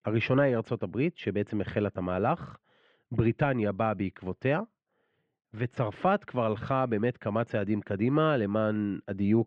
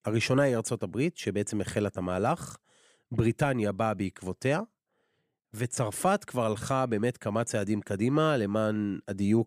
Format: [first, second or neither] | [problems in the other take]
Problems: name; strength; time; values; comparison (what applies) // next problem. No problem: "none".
second | muffled; very; fading above 3 kHz